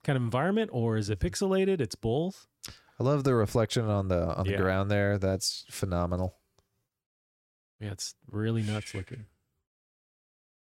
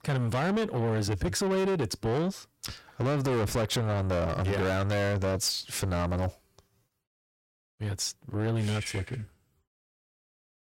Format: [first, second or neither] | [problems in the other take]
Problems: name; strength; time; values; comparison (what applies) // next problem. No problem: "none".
first | distortion; heavy; 7 dB below the speech